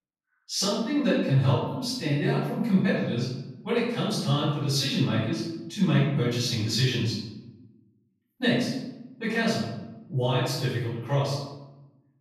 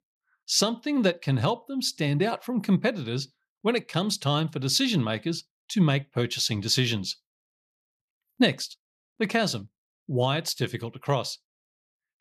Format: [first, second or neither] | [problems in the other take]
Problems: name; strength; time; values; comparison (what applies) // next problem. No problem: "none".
second | off-mic speech; far // room echo; noticeable; dies away in 0.9 s